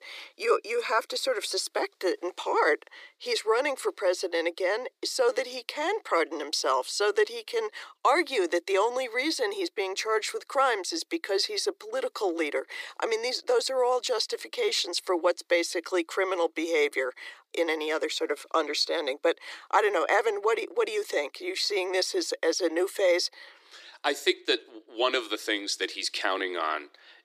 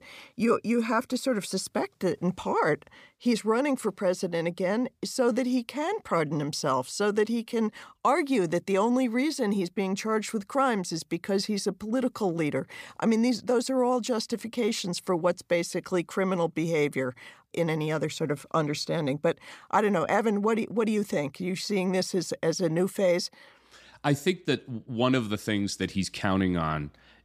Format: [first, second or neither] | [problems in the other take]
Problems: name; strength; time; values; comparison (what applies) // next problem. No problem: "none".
second | thin; very; fading below 300 Hz